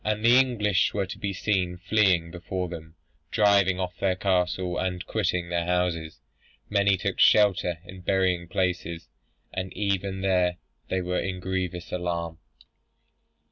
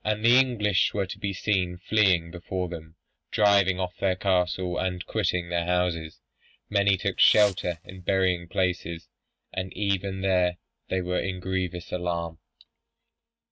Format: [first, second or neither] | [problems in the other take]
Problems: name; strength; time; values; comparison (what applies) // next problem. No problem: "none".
first | noise reduction (neural mask model RNNoise)